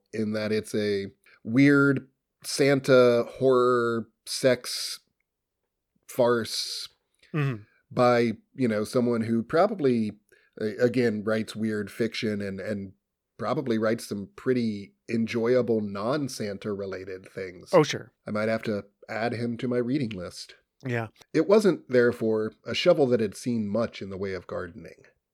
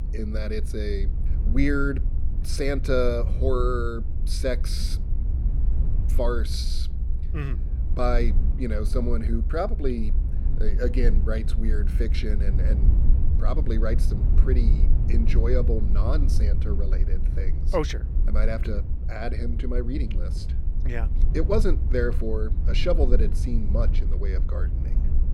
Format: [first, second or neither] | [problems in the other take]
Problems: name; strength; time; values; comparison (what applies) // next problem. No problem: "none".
first | low rumble; noticeable; throughout; 10 dB below the speech